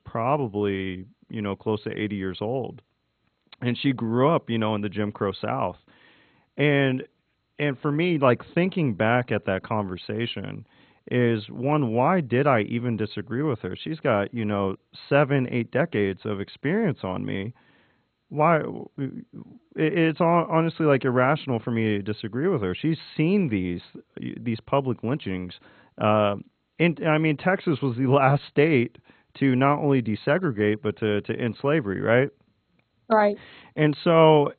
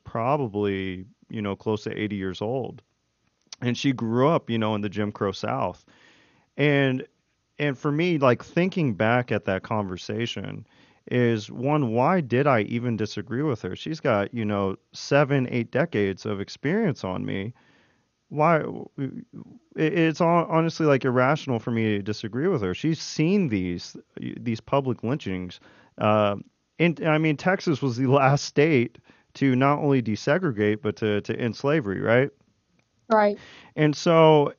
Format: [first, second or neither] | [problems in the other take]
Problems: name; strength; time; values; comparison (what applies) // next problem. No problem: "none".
second | garbled, watery; badly; nothing above 4 kHz; slightly in the second